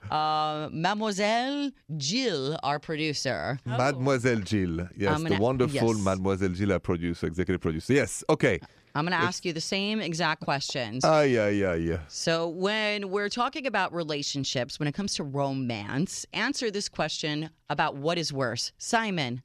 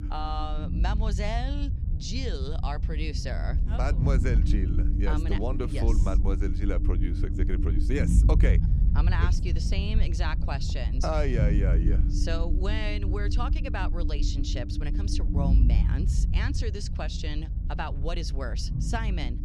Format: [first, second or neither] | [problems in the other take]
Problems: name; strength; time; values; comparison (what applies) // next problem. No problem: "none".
first | low rumble; loud; throughout; 7 dB below the speech